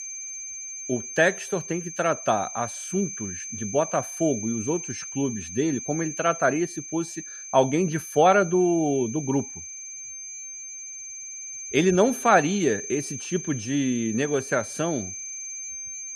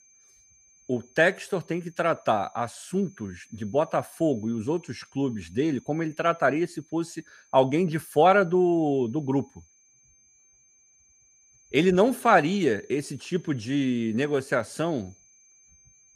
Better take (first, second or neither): second